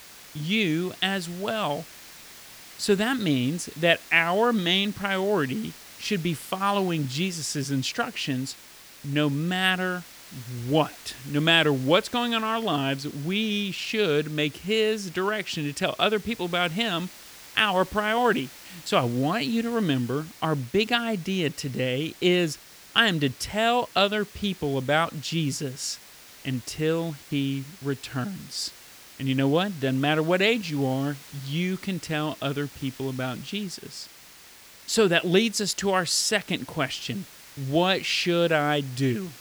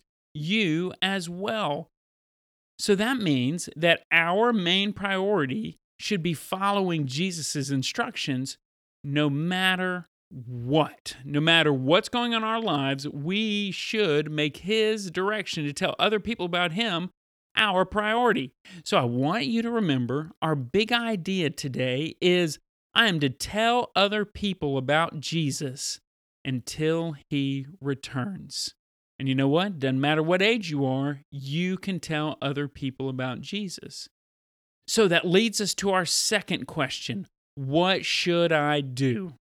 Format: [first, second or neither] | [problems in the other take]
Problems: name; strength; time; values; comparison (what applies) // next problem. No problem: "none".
second | hiss; noticeable; throughout; 20 dB below the speech